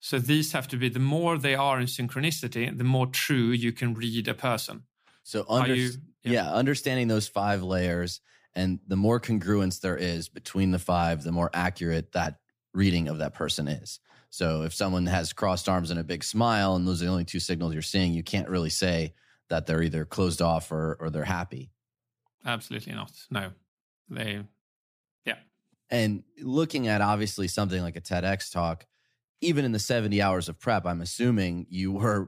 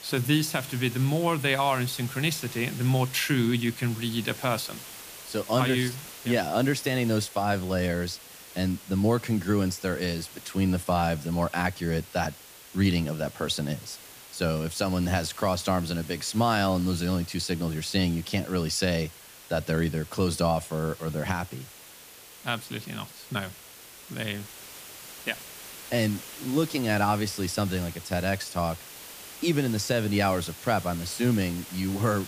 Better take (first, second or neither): first